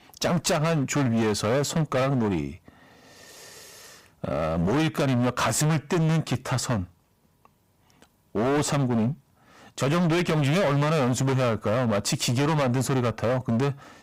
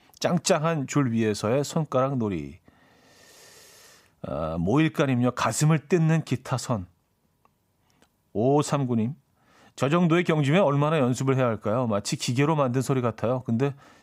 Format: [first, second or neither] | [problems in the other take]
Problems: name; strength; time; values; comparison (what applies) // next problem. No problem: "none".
second | distortion; heavy; 26% of the sound clipped